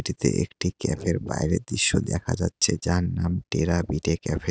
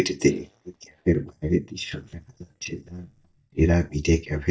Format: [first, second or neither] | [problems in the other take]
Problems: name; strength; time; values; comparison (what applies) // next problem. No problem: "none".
first | noise reduction (neural mask model DeepFilterNet 3)